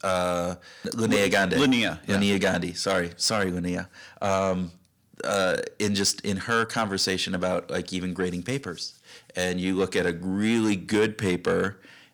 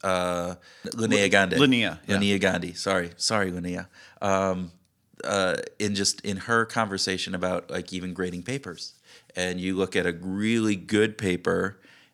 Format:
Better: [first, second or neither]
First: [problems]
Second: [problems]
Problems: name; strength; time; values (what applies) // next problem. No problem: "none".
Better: second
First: distortion; slight; 10 dB below the speech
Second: none